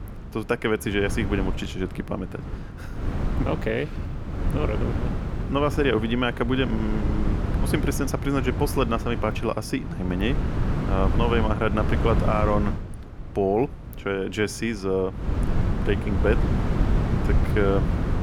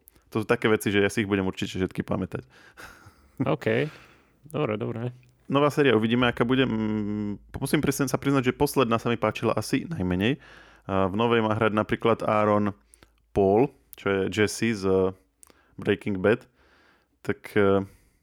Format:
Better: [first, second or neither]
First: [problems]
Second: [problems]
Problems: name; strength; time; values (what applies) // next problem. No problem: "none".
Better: second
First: wind noise on the microphone; heavy; 8 dB below the speech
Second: none